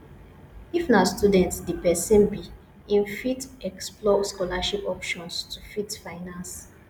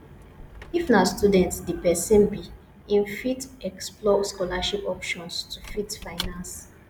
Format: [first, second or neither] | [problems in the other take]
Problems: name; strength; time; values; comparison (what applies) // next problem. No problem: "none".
first | background sound (Squeak / Wood); 19 dB below the speech